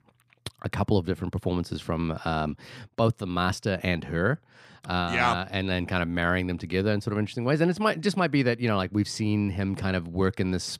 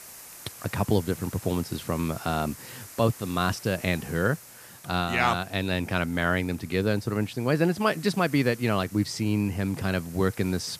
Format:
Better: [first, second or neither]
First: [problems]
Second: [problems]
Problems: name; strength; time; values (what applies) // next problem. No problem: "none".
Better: first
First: none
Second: hiss; noticeable; throughout; 15 dB below the speech